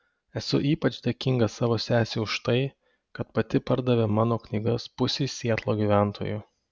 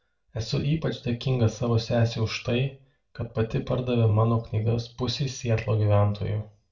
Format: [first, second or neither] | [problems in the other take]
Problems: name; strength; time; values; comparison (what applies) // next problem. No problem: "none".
first | room echo; dies away in 0.3 s